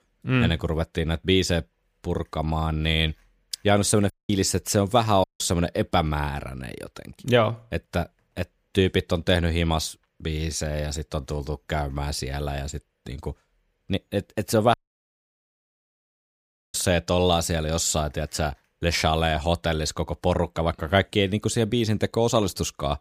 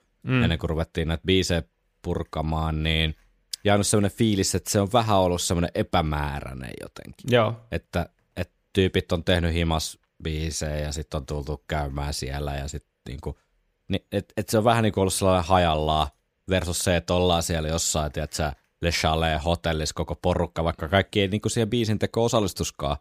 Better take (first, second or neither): second